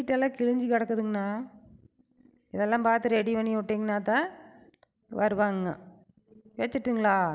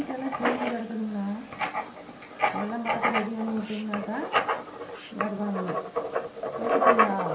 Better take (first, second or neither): first